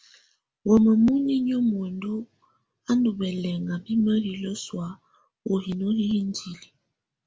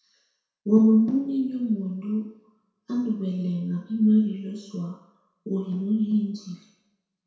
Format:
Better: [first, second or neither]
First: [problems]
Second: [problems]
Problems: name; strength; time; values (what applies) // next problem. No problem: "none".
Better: first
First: none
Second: room echo; dies away in 0.7 s